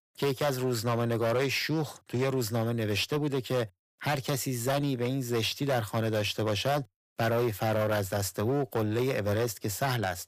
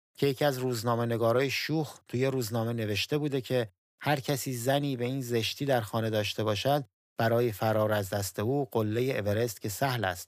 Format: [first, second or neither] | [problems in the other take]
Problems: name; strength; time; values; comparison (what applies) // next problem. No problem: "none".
second | distortion; slight; 12% of the sound clipped